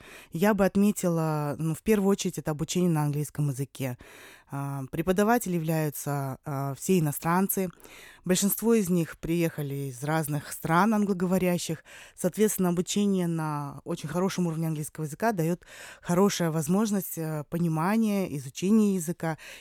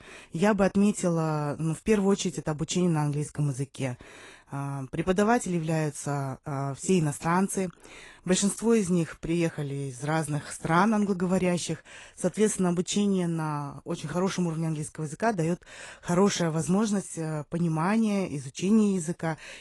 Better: first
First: none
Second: garbled, watery; slightly; nothing above 11 kHz

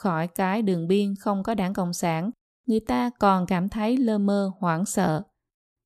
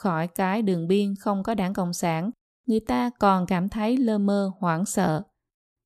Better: neither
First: none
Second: none

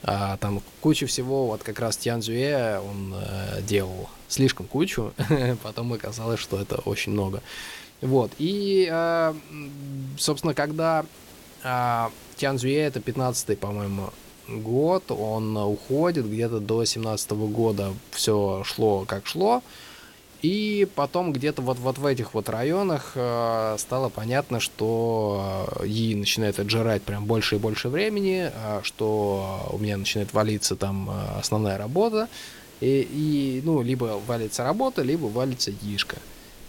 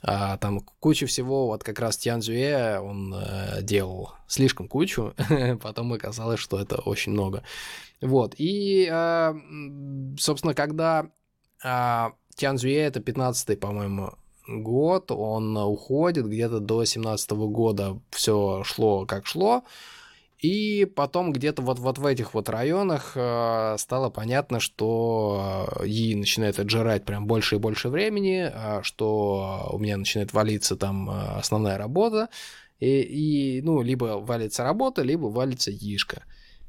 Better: second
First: hiss; faint; throughout; 20 dB below the speech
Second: none

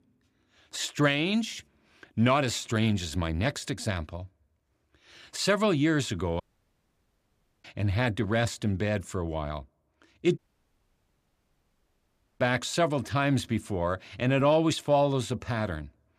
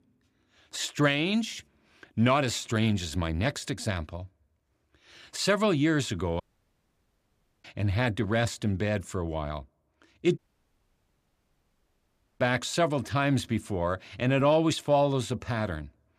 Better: neither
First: audio cutting out; at 6.5 s for 1 s and at 10 s for 2 s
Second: audio cutting out; at 6.5 s for 1 s and at 10 s for 2 s

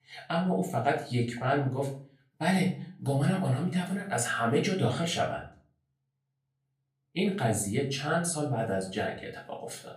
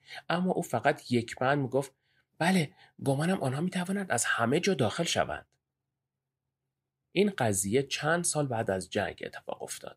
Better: second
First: room echo; slight; dies away in 0.4 s // off-mic speech; far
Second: none

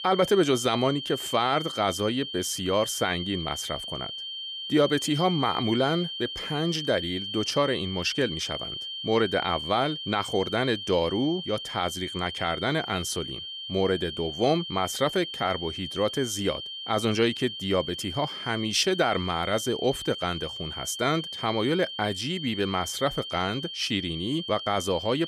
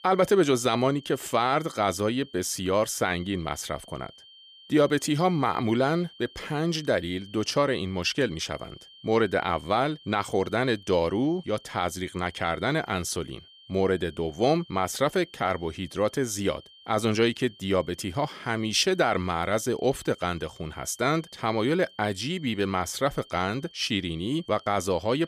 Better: second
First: high-pitched whine; loud; throughout; 3 kHz, 7 dB below the speech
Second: high-pitched whine; faint; throughout; 3 kHz, 25 dB below the speech

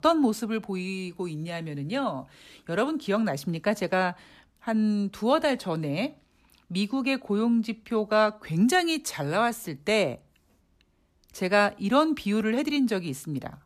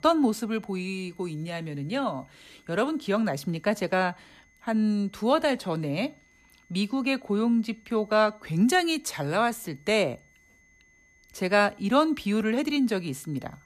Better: first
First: none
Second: high-pitched whine; faint; throughout; 2 kHz, 35 dB below the speech

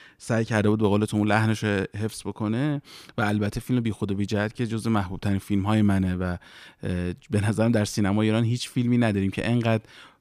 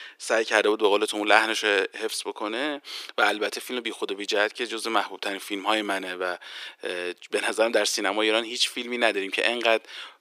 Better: first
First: none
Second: thin; very; fading below 350 Hz

